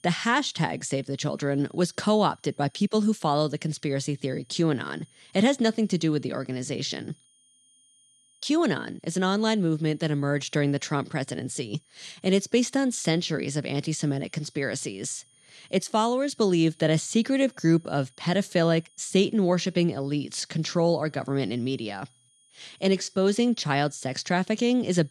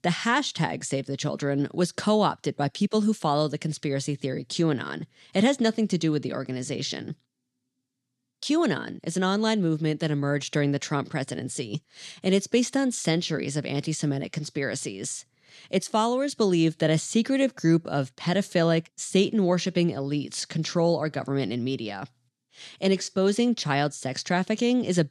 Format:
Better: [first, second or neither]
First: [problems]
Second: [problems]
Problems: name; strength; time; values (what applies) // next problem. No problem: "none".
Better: second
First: high-pitched whine; faint; throughout; 9 kHz, 35 dB below the speech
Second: none